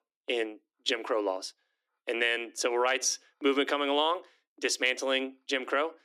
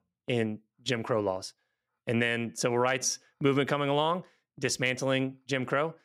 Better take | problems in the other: second | thin; very slightly; fading below 300 Hz

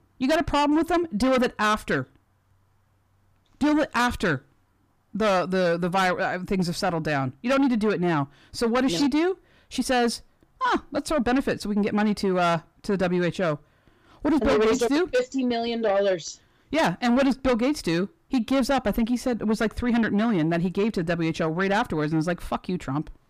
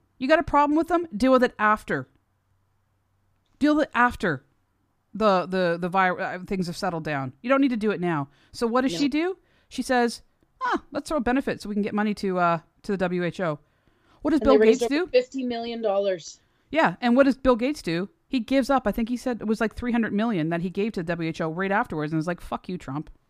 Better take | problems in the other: second | distortion; heavy; 7 dB below the speech

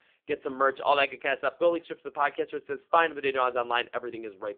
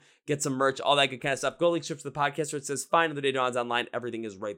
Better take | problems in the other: second | phone-call audio; poor line

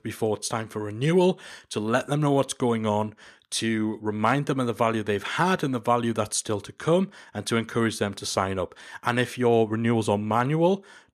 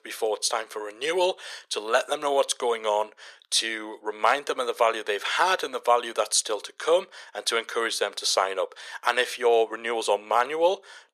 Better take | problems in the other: first | thin; very; fading below 500 Hz

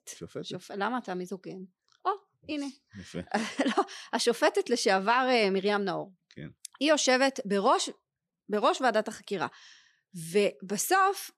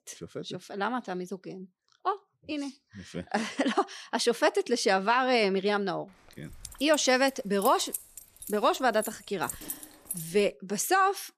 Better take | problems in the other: first | jangling keys; noticeable; from 6.5 to 10 s; peak 8 dB below the speech

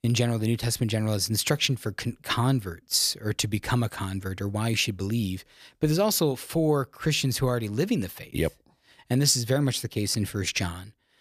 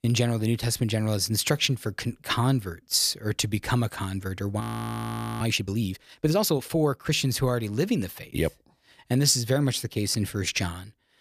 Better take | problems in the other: first | audio freezing; at 4.5 s for 1 s

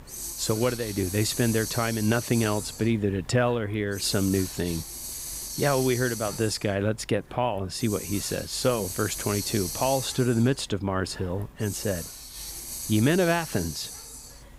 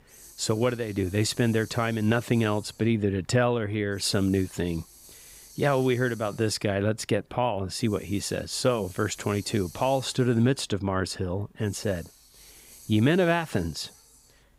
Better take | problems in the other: second | hiss; loud; throughout; 7 dB below the speech; faint in the second

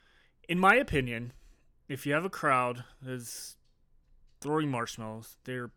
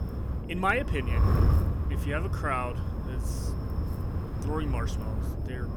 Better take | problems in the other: first | wind noise on the microphone; heavy; 9 dB below the speech

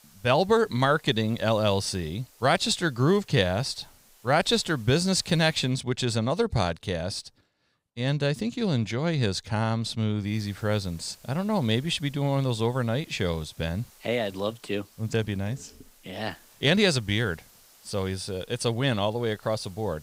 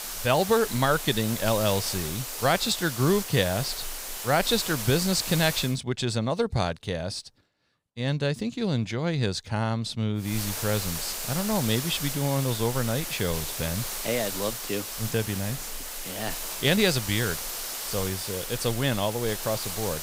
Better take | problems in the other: first | hiss; loud; until 5.5 s and from 10 s on; 5 dB below the speech; faint in the first

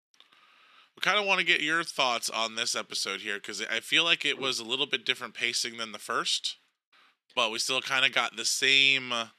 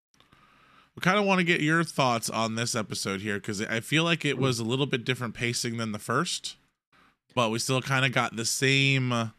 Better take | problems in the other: second | thin; somewhat; fading below 400 Hz

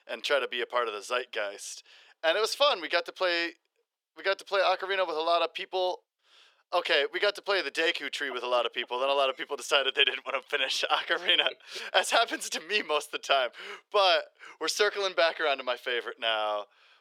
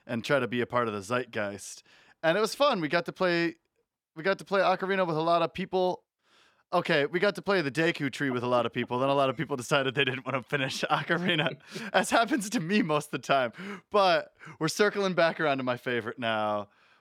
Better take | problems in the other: second | thin; very; fading below 450 Hz

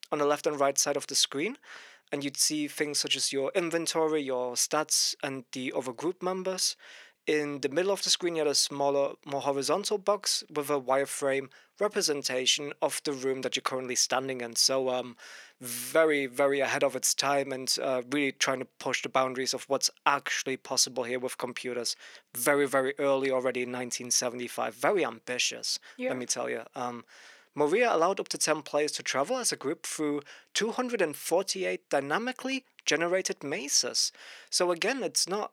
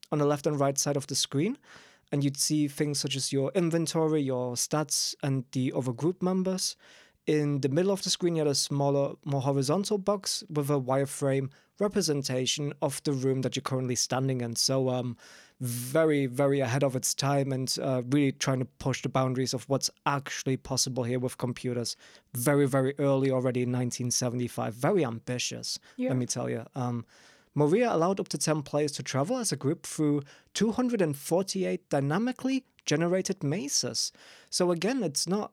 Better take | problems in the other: second | thin; somewhat; fading below 400 Hz

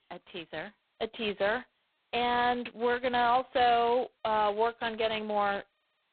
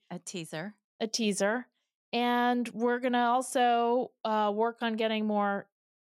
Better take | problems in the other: second | phone-call audio; poor line; nothing above 4 kHz

